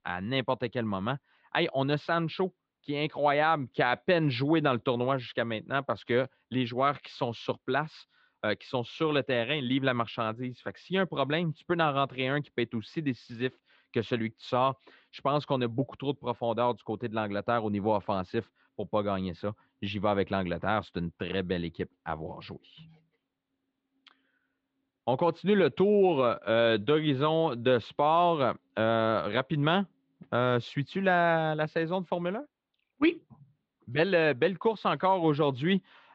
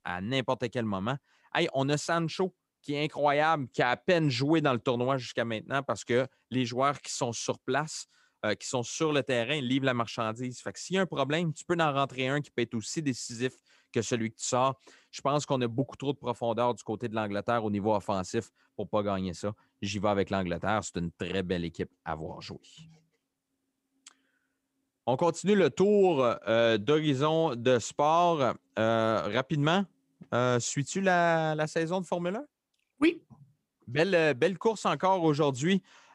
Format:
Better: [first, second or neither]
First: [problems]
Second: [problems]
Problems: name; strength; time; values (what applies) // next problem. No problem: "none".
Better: second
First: muffled; slightly; fading above 4 kHz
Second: none